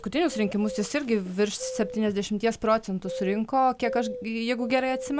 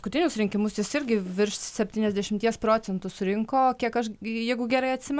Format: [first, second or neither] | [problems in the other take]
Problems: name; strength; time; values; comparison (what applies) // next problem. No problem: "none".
second | background sound (Bird vocalization, bird call, bird song); 12 dB below the speech